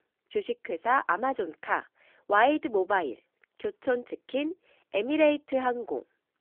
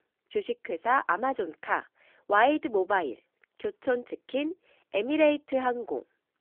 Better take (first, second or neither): neither